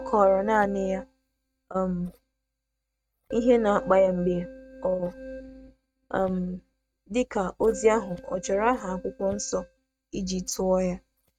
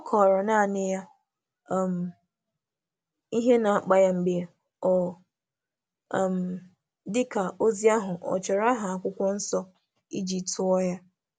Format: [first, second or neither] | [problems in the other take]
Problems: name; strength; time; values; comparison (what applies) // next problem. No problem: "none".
second | noise reduction (neural mask model RNNoise)